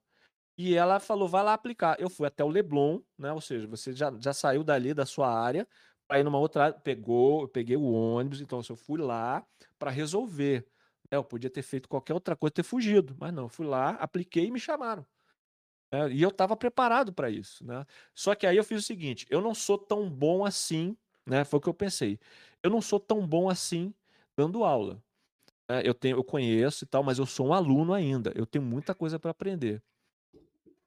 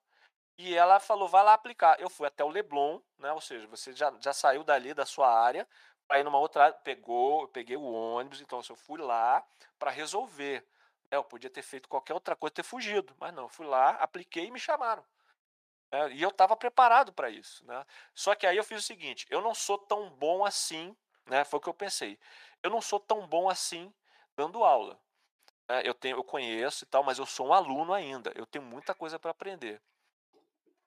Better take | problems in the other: first | thin; very; fading below 600 Hz

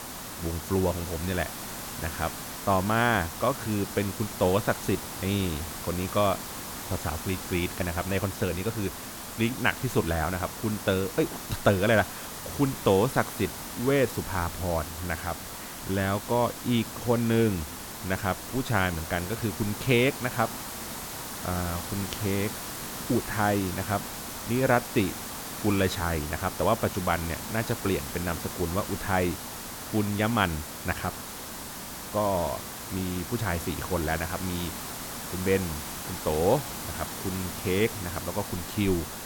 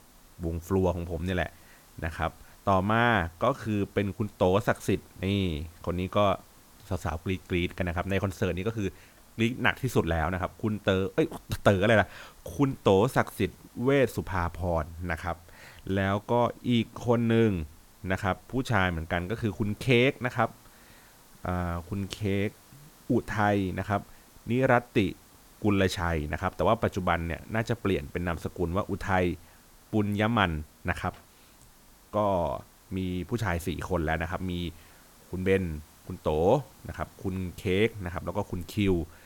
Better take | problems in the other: second | hiss; loud; throughout; 7 dB below the speech; faint in the second

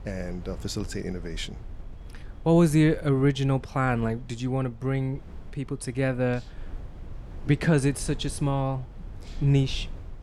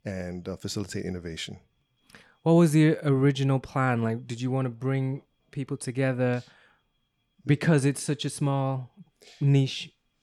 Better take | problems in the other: second | wind noise on the microphone; occasional gusts; 25 dB below the speech

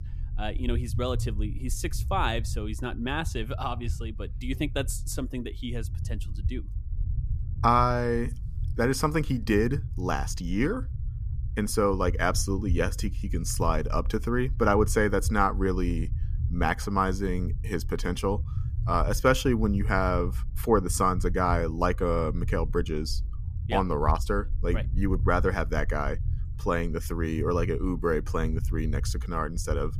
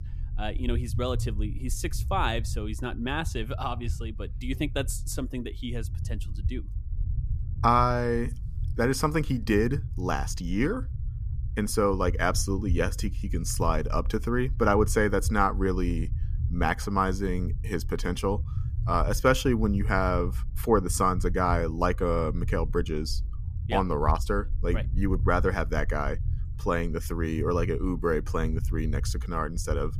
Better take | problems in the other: neither | low rumble; faint; throughout; 20 dB below the speech; the same in both

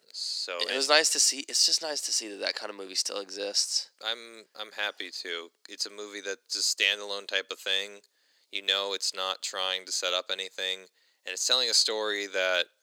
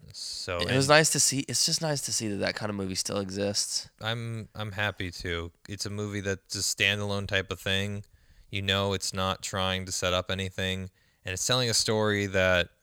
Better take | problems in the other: second | thin; very; fading below 300 Hz

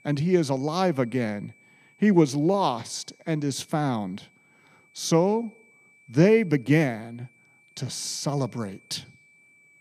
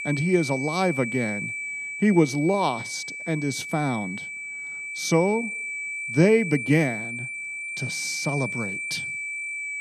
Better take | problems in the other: first | high-pitched whine; loud; throughout; 2.5 kHz, 6 dB below the speech; faint in the first

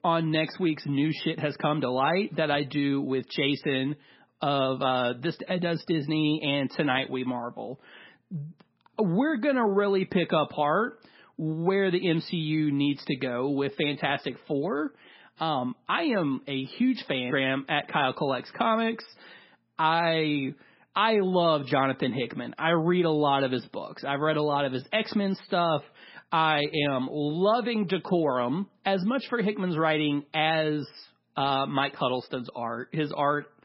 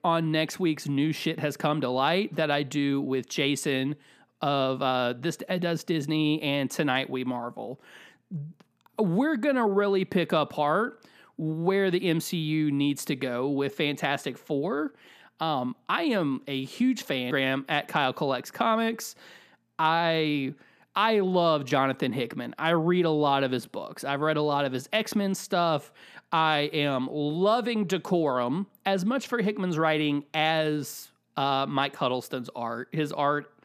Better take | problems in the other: second | garbled, watery; badly; nothing above 5.5 kHz

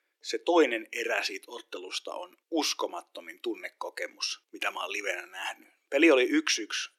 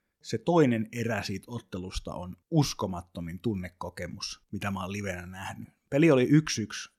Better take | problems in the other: second | thin; somewhat; fading below 300 Hz

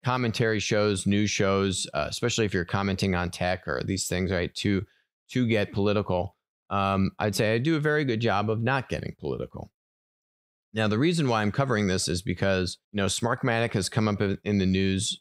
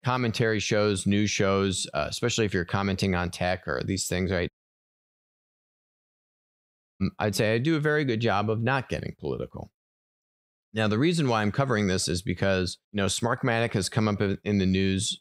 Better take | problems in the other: first | audio cutting out; at 4.5 s for 2.5 s

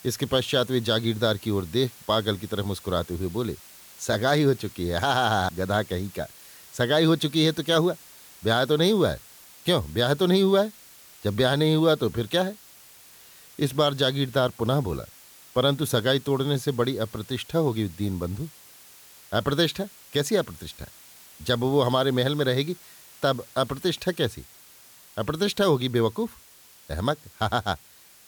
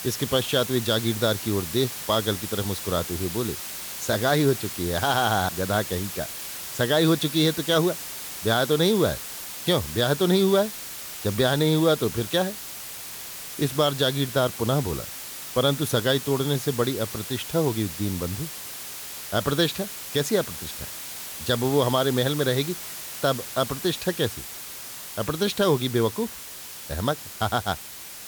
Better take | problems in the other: first | hiss; loud; throughout; 8 dB below the speech; faint in the first

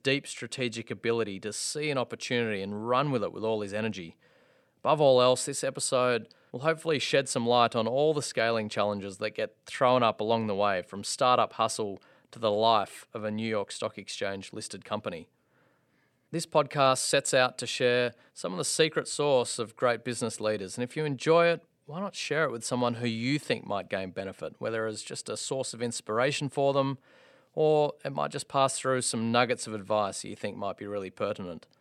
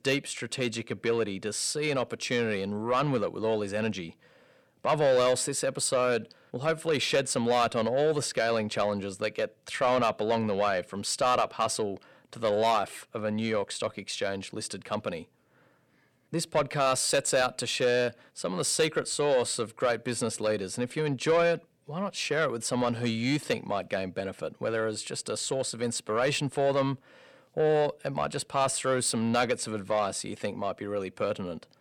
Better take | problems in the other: first | distortion; slight; 10 dB below the speech

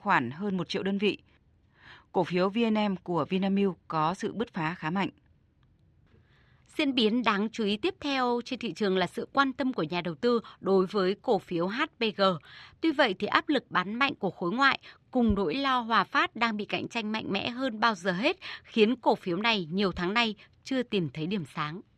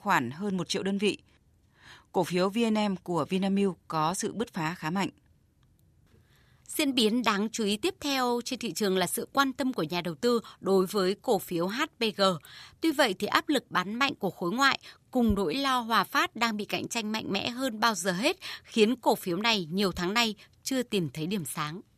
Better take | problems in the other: second | muffled; very slightly; fading above 3 kHz

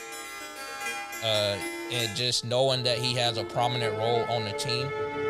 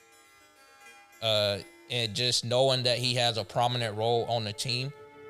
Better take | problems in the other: second | background music; loud; throughout; 7 dB below the speech; faint in the second

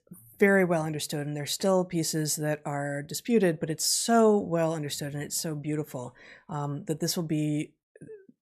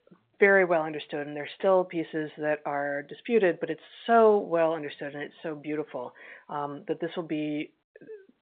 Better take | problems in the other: first | phone-call audio; nothing above 4 kHz

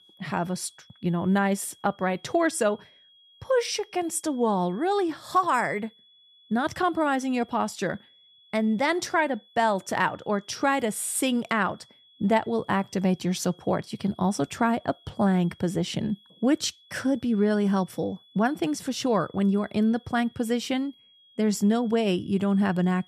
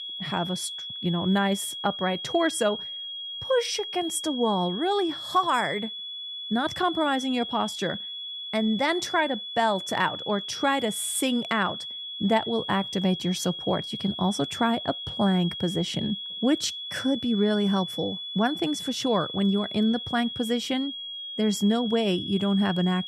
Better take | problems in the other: first | high-pitched whine; loud; throughout; 3.5 kHz, 7 dB below the speech; faint in the first

